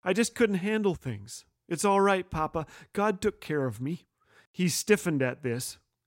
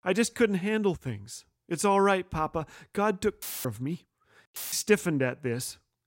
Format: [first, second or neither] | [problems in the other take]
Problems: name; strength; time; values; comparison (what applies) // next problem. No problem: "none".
first | audio cutting out; filled with static; at 3.5 s and at 4.5 s